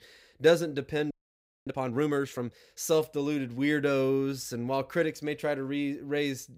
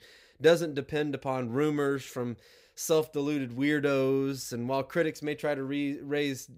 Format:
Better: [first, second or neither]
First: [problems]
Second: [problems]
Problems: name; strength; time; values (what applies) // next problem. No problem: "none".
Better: second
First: audio freezing; at 1 s for 0.5 s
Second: none